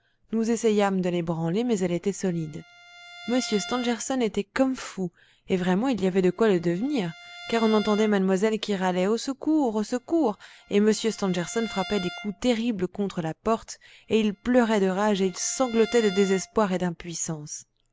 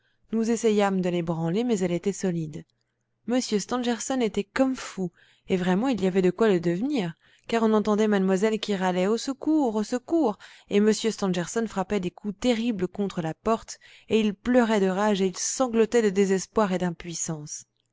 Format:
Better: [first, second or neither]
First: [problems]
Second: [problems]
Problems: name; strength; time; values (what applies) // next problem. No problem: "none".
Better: second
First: background sound (Bowed string instrument); 19 dB below the speech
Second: none